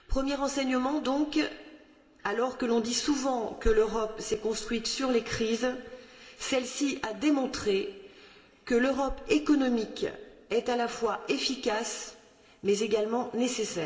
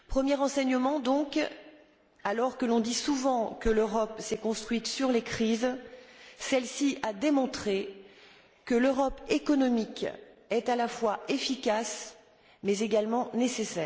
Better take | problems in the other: second | room echo; dies away in 1.5 s

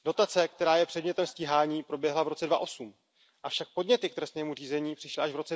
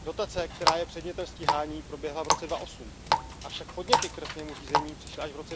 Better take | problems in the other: first | background sound (Water tap, faucet); 4 dB above the speech

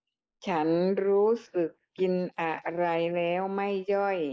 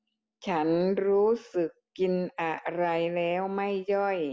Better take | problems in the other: second | noise reduction (neural mask model Resemble Enhance denoiser)

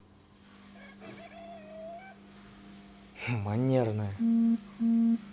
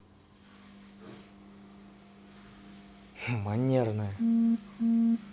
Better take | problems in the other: second | background sound (Chicken, rooster); 20 dB below the speech

